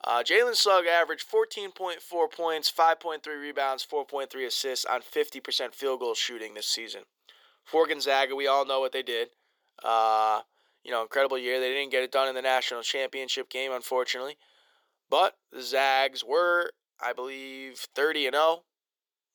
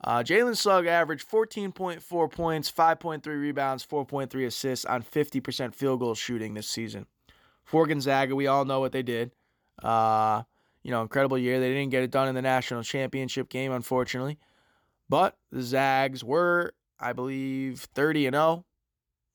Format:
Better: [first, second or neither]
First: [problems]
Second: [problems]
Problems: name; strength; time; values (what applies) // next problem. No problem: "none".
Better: second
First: thin; very; fading below 450 Hz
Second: none